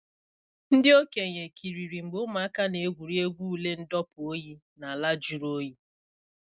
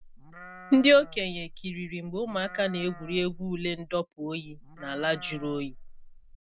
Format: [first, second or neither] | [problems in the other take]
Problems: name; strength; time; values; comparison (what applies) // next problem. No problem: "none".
first | background sound (Livestock, farm animals, working animals); 16 dB below the speech